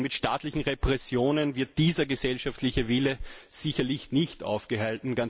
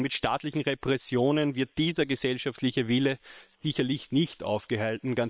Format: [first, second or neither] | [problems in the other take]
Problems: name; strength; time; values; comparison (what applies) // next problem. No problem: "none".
first | noise reduction (neural separator model SepFormer WHAM!)